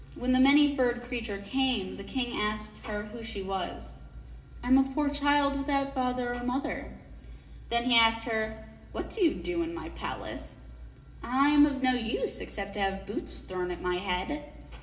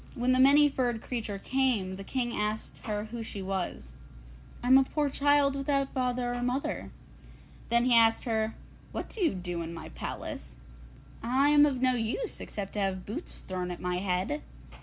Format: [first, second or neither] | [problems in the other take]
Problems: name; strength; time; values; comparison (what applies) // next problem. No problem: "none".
second | room echo; dies away in 1.2 s